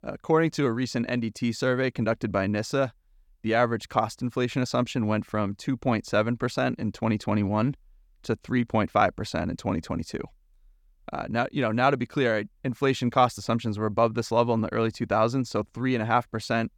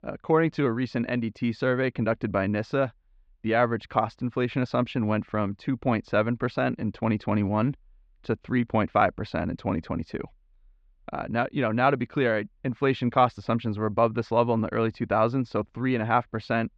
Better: first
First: none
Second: muffled; slightly; fading above 3.5 kHz

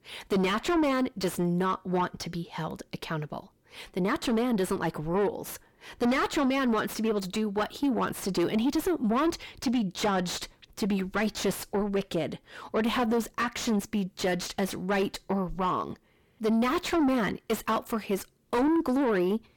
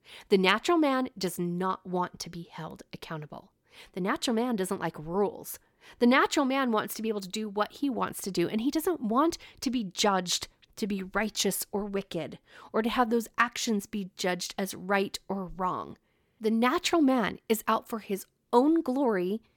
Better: second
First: distortion; heavy; 5 dB below the speech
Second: none

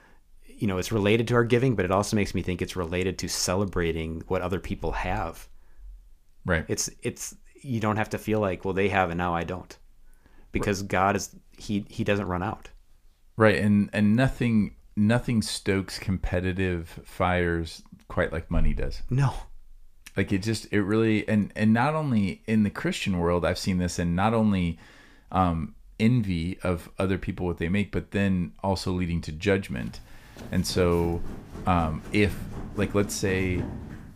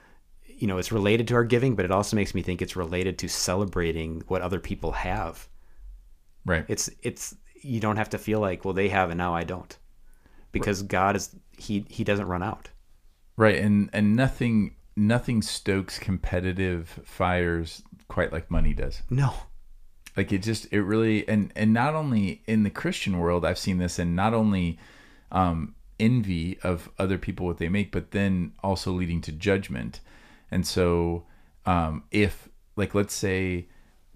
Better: second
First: footsteps; noticeable; from 30 s on; peak 8 dB below the speech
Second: none

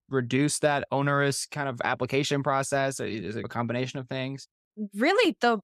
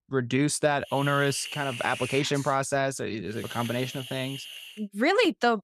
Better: first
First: none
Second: hiss; noticeable; from 1 to 2.5 s and from 3.5 to 4.5 s; 10 dB below the speech

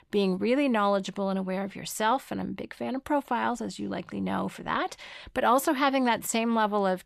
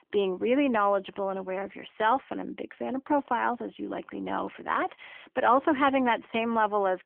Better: first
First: none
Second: phone-call audio; nothing above 3.5 kHz

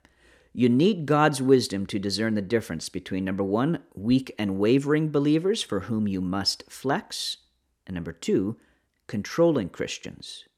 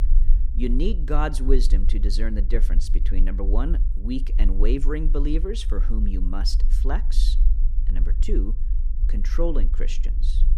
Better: first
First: none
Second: low rumble; noticeable; throughout; 15 dB below the speech

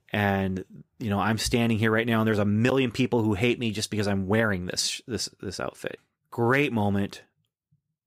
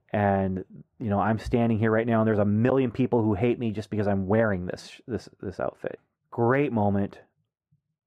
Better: first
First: none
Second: muffled; very; fading above 2.5 kHz

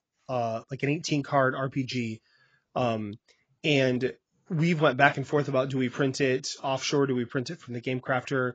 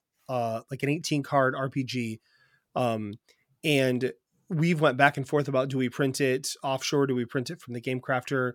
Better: second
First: garbled, watery; badly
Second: none

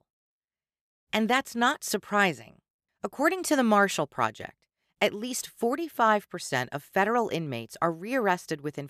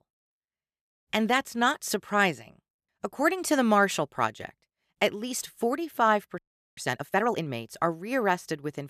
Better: first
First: none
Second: audio freezing; at 6.5 s

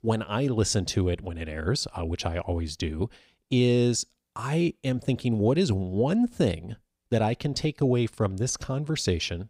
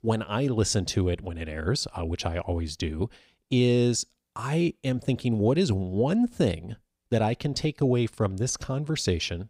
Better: neither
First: none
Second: none

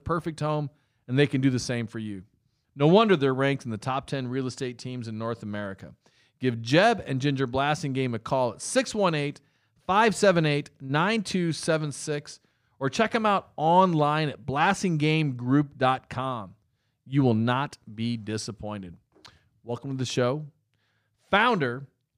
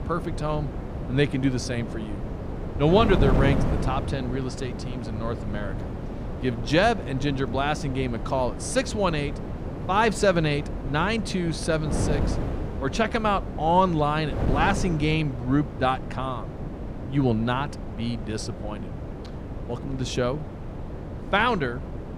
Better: first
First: none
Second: wind noise on the microphone; occasional gusts; 10 dB below the speech

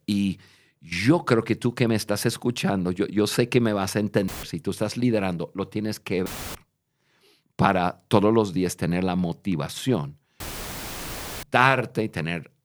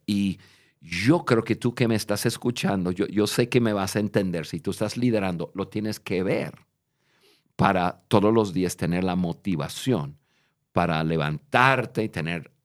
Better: second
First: audio cutting out; filled with static; at 4.5 s, at 6.5 s and at 10 s for 1 s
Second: none

